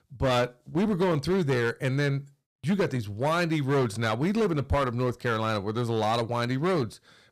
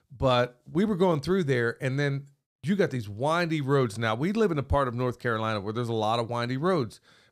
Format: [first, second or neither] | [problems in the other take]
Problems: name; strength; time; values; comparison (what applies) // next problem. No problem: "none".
second | distortion; slight; 10% of the sound clipped